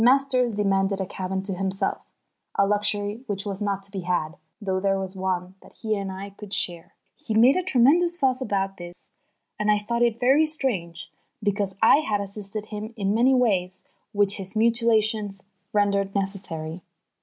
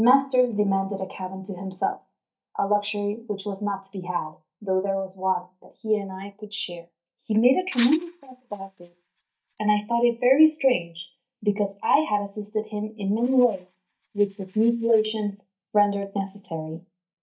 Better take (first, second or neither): first